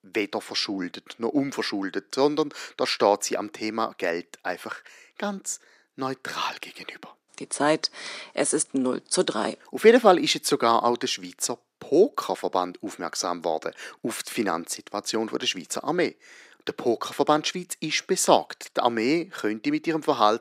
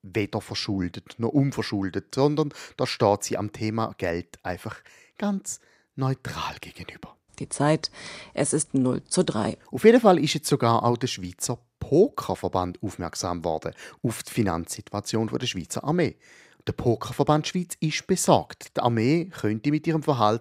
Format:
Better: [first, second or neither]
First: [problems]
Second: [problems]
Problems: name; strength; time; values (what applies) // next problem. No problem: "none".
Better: second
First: thin; very slightly; fading below 250 Hz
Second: none